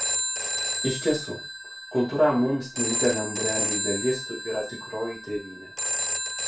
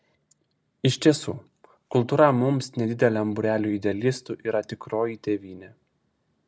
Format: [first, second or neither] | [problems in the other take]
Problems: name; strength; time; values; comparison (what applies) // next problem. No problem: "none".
second | background sound (Telephone); 1 dB below the speech // room echo; dies away in 0.2 s